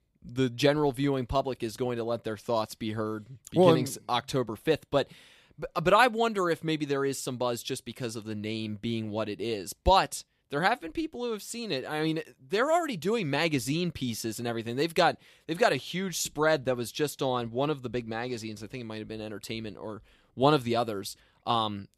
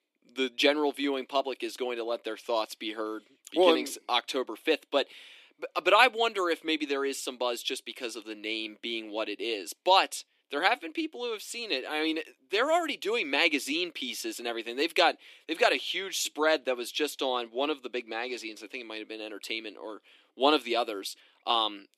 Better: first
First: none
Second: thin; very slightly; fading below 300 Hz

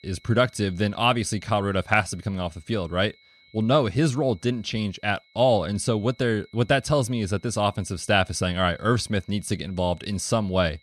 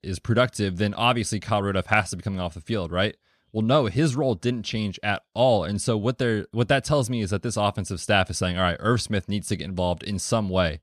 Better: second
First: high-pitched whine; faint; throughout; 2 kHz, 30 dB below the speech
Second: none

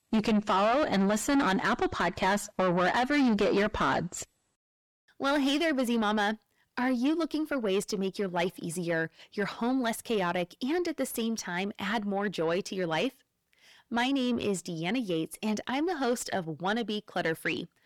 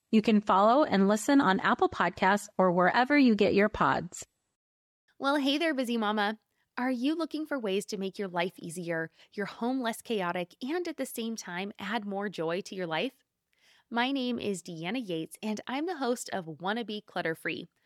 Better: second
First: distortion; heavy; 6 dB below the speech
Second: none

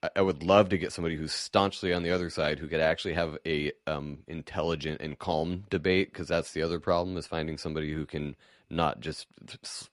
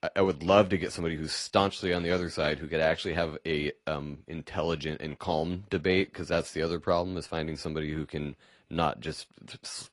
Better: first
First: none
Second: garbled, watery; slightly; nothing above 11 kHz

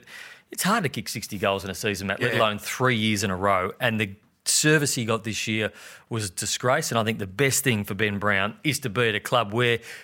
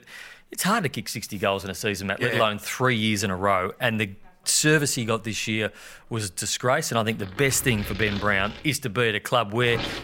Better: first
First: none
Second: household noises; noticeable; throughout; 15 dB below the speech

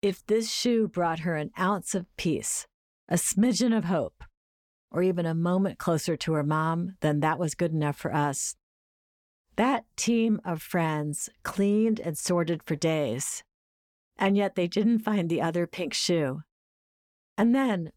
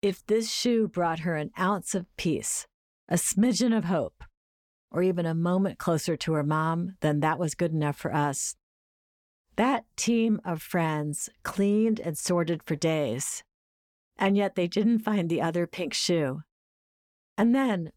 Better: neither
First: none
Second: none

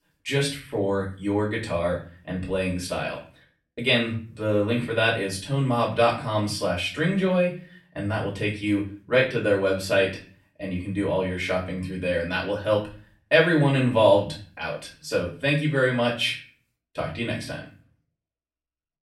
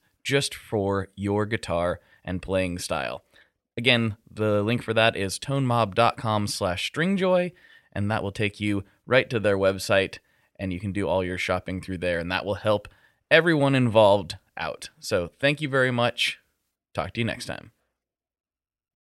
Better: second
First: off-mic speech; far // room echo; slight; dies away in 0.4 s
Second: none

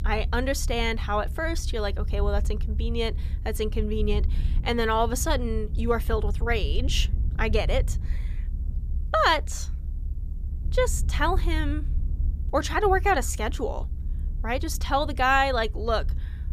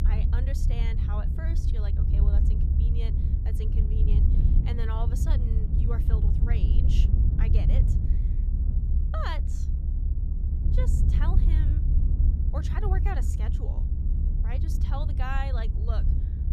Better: first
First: low rumble; faint; throughout; 25 dB below the speech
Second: low rumble; loud; throughout; 2 dB below the speech

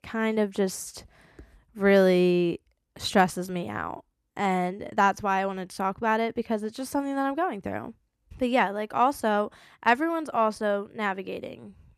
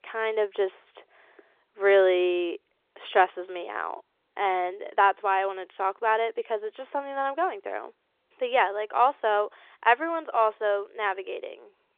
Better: first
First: none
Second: phone-call audio; nothing above 3.5 kHz

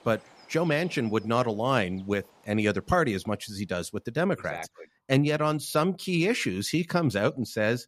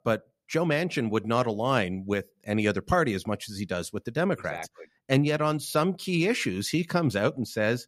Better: second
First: animal sounds; faint; throughout; 30 dB below the speech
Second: none

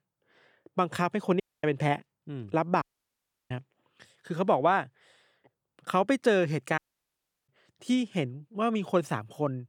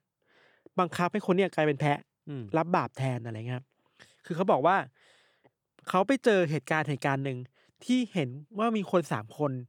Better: second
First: audio cutting out; at 1.5 s, at 3 s for 0.5 s and at 7 s for 0.5 s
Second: none

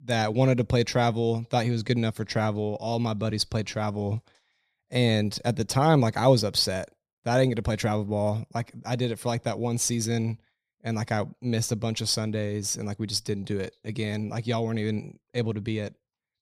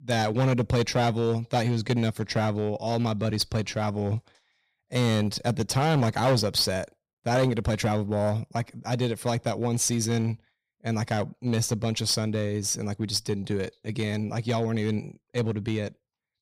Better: first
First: none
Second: distortion; slight; 5% of the sound clipped

